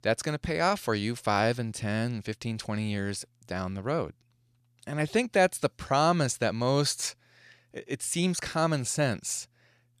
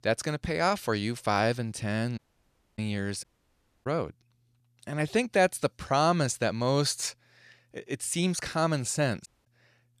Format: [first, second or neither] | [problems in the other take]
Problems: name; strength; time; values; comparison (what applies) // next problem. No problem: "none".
first | audio cutting out; at 2 s for 0.5 s, at 3 s for 0.5 s and at 9.5 s